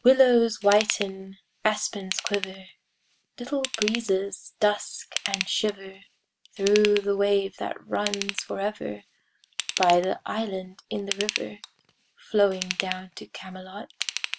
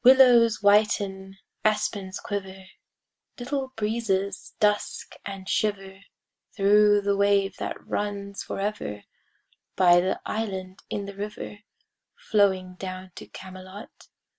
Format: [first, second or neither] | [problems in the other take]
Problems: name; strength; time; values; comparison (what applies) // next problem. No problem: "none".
second | background sound (Ratchet, pawl / Tools); 9 dB below the speech